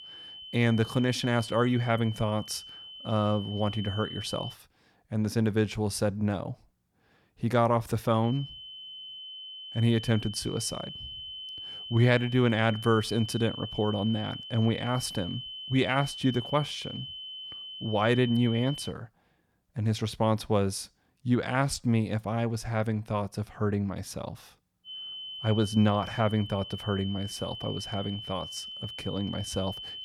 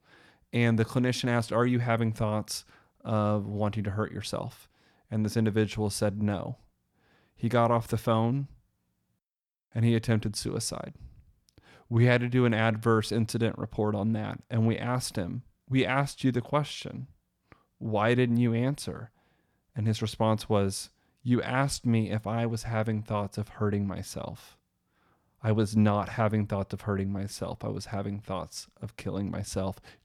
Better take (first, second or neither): second